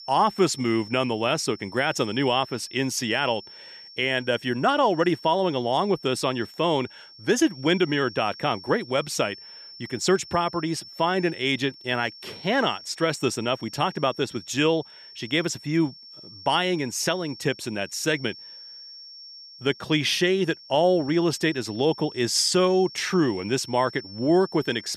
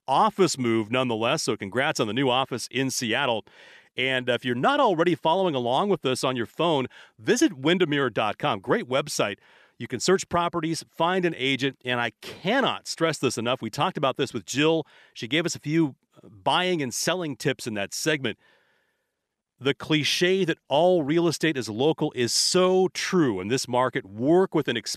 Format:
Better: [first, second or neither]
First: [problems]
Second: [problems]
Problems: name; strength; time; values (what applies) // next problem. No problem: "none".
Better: second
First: high-pitched whine; noticeable; throughout; 5.5 kHz, 15 dB below the speech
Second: none